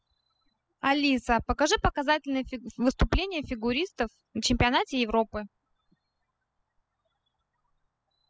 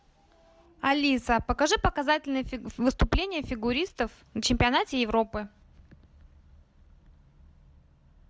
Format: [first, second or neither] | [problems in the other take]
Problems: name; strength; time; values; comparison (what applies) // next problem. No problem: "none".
second | noise reduction (classical method spectral subtraction)